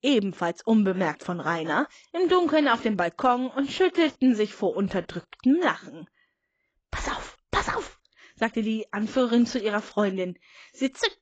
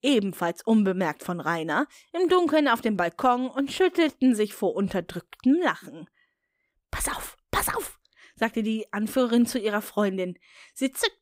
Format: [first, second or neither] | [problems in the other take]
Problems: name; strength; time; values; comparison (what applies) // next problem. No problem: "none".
second | garbled, watery; badly; nothing above 7.5 kHz